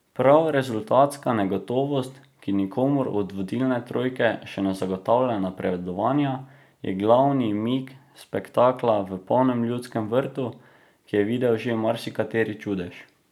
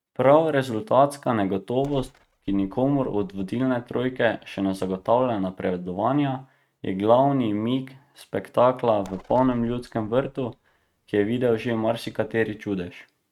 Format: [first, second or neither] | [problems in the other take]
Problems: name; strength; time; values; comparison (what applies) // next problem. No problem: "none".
first | noise reduction (neural mask model RNNoise)